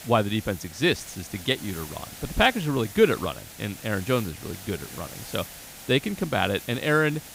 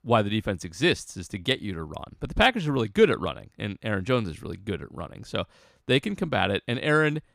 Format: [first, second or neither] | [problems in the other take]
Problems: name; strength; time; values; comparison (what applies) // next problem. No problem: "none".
second | hiss; noticeable; throughout; 15 dB below the speech